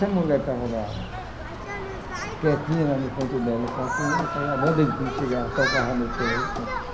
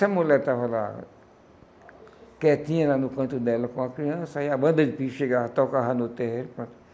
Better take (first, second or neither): second